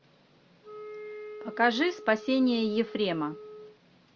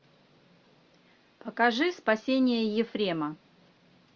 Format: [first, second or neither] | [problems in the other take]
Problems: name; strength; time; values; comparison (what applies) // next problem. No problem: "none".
second | background sound (Wind instrument, woodwind instrument); 14 dB below the speech